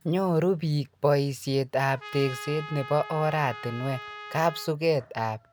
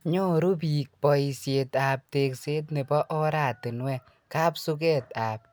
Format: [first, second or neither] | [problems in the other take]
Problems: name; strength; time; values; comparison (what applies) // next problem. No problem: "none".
second | background sound (Trumpet); 14 dB below the speech